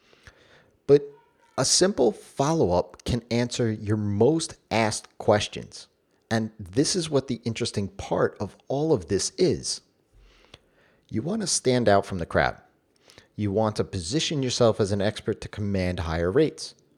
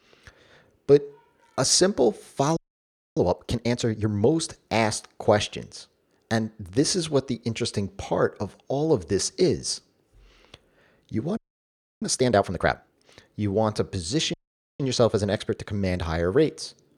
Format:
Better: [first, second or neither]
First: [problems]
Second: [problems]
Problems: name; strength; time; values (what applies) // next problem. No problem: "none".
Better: first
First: none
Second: audio freezing; at 2.5 s for 0.5 s, at 11 s for 0.5 s and at 14 s